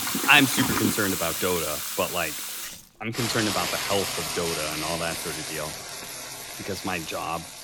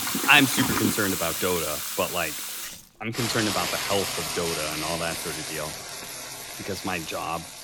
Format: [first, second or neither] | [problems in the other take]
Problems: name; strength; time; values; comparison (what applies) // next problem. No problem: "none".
neither | household noises; loud; throughout; 2 dB below the speech; the same in both